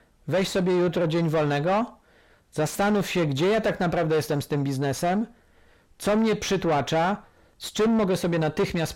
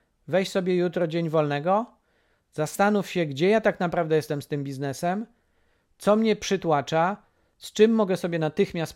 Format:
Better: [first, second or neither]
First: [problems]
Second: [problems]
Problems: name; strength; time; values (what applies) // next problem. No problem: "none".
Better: second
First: distortion; heavy; 6 dB below the speech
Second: none